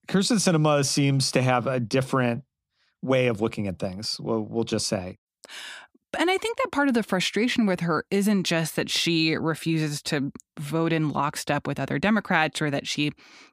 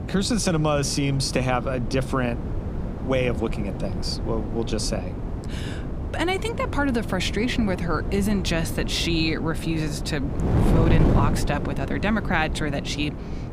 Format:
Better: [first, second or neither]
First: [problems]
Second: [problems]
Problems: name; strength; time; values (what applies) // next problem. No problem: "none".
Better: first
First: none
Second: wind noise on the microphone; heavy; 9 dB below the speech